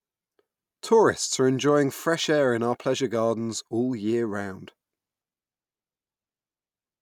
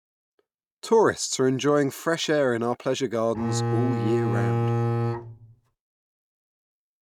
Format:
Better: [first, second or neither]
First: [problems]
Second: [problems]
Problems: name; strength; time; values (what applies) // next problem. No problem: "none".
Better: first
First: none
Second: noise reduction (neural mask model RNNoise)